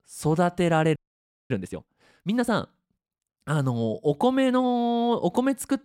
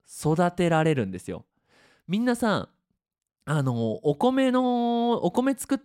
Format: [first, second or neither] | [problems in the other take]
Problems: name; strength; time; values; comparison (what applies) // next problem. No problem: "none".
second | audio freezing; at 1 s for 0.5 s